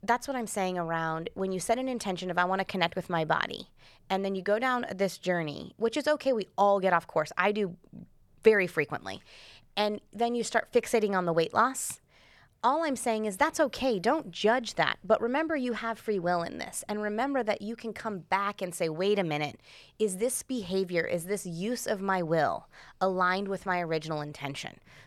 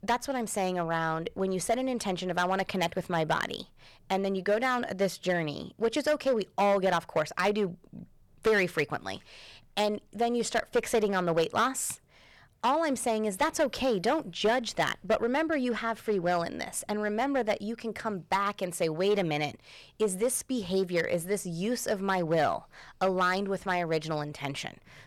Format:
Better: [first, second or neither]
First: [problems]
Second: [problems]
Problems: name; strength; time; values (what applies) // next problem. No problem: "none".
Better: first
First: none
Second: distortion; slight; 5% of the sound clipped